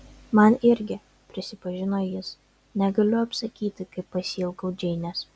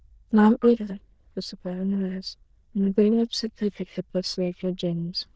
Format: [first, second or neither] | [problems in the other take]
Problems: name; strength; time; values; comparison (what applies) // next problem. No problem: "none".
first | noise reduction (neural diffusion model UNIVERSE++)